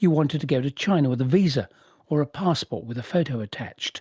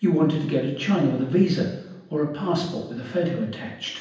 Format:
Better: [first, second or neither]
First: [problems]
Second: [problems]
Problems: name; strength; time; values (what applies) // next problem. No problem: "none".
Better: first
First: none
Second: room echo; dies away in 0.9 s